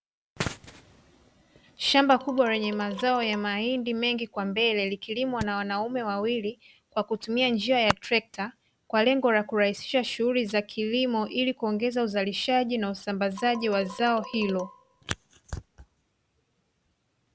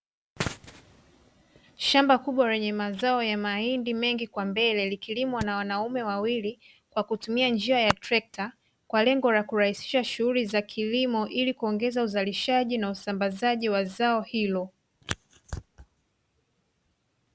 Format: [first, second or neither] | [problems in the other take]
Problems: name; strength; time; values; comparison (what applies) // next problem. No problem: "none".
second | background sound (Marimba, xylophone); 15 dB below the speech